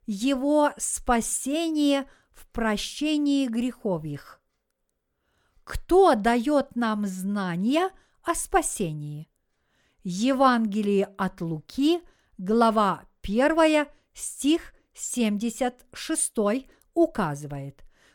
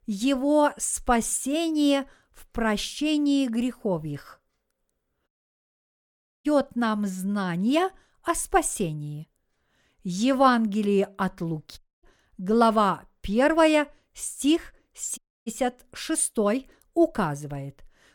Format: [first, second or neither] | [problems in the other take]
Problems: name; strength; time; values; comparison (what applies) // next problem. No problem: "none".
first | audio cutting out; at 5.5 s for 1 s, at 12 s and at 15 s